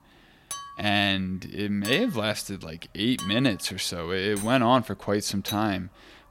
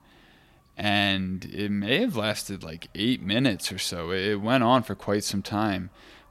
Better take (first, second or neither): second